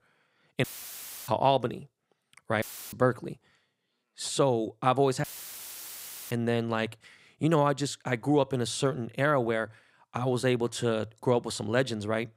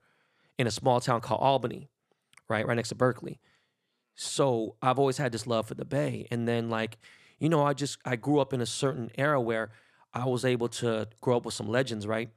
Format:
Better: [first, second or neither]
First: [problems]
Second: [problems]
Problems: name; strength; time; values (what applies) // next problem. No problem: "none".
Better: second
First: audio cutting out; filled with static; at 0.5 s for 0.5 s, at 2.5 s and at 5 s for 1 s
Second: none